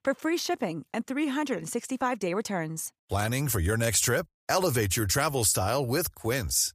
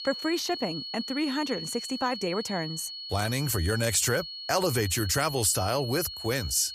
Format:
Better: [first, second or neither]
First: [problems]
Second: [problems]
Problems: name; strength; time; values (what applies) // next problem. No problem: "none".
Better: first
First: none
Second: high-pitched whine; loud; throughout; 4.5 kHz, 8 dB below the speech